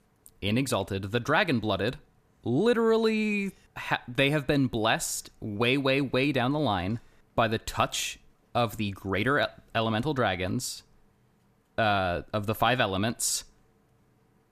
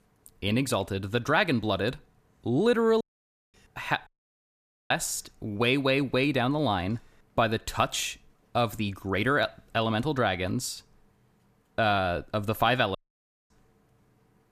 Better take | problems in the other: first | audio cutting out; at 3 s for 0.5 s, at 4 s for 1 s and at 13 s for 0.5 s

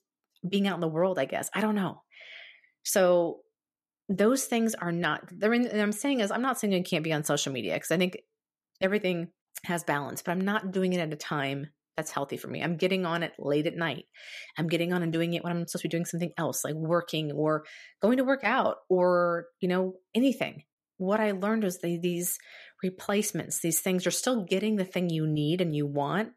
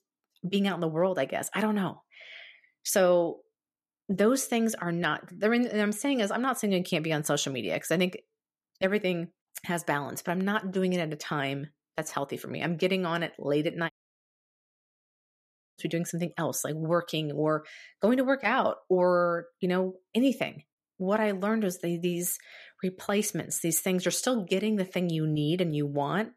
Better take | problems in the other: first | audio cutting out; at 14 s for 2 s

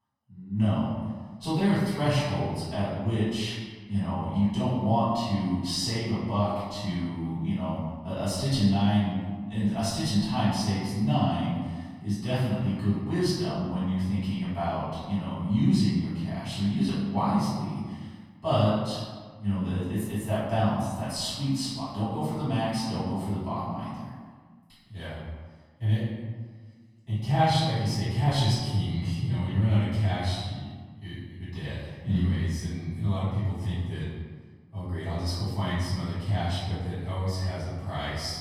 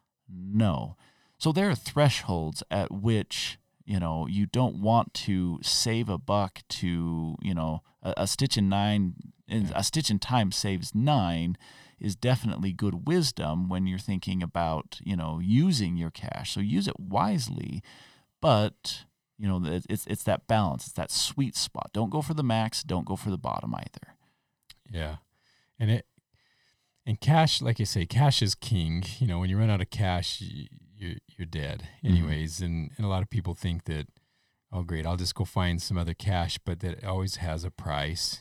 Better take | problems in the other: second | off-mic speech; far // room echo; strong; dies away in 1.4 s

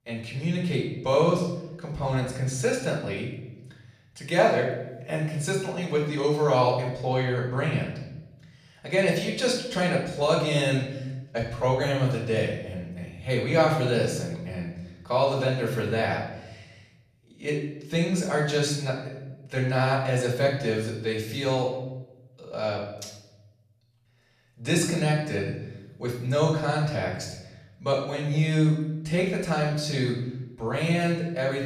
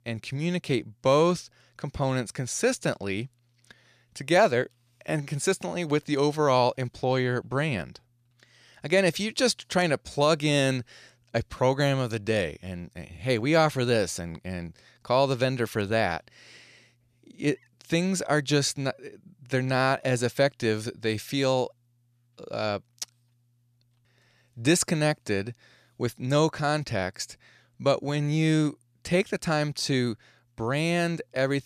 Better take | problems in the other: second | room echo; noticeable; dies away in 0.9 s // off-mic speech; far

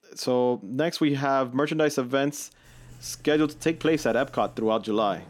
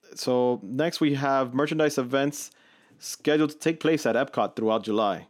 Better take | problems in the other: second | household noises; faint; from 2.5 s on; 25 dB below the speech

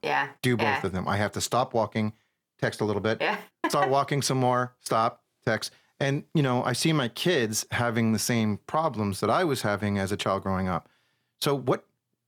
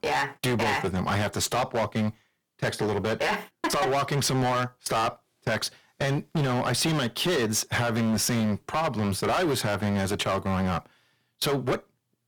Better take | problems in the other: first | distortion; heavy; 18% of the sound clipped

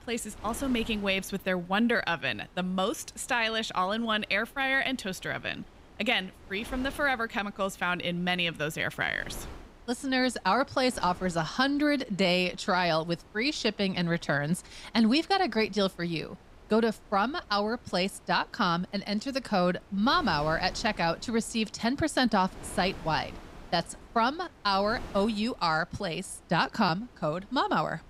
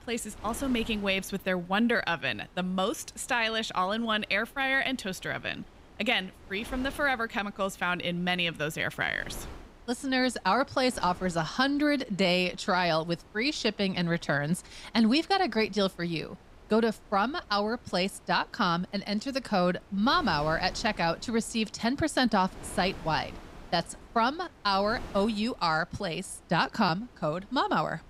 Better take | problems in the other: neither | wind noise on the microphone; occasional gusts; 25 dB below the speech; the same in both

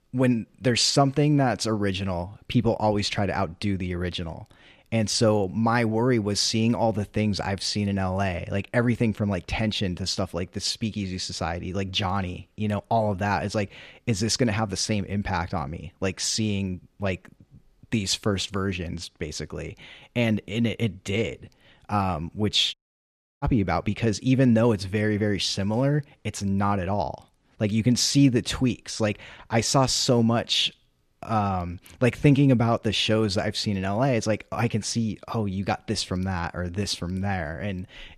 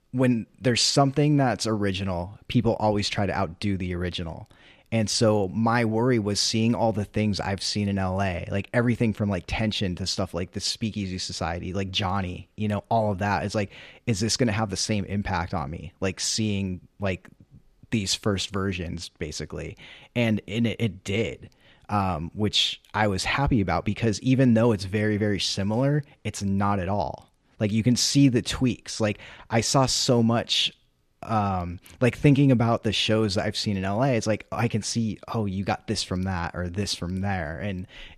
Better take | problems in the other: second | audio cutting out; at 23 s for 0.5 s

